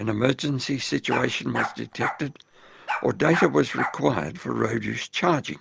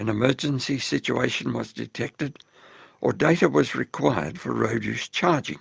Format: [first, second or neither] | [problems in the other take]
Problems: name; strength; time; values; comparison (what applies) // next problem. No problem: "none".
second | background sound (Bark); 7 dB below the speech